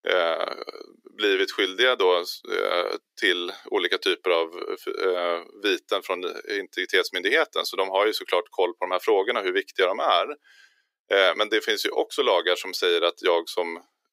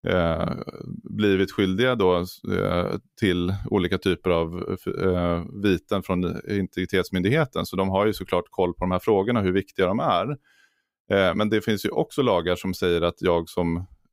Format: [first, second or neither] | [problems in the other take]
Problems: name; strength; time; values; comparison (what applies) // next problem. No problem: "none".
second | thin; very; fading below 350 Hz